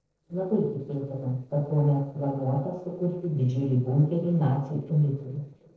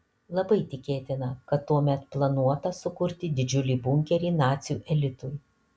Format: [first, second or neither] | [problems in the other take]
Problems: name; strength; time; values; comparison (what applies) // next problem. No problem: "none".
second | noise reduction (neural separator model SepFormer DNS4)